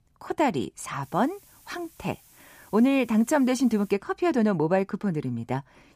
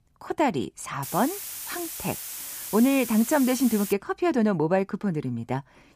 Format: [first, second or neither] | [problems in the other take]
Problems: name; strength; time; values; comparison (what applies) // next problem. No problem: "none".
first | hiss; loud; from 1 to 4 s; 8 dB below the speech; faint in the first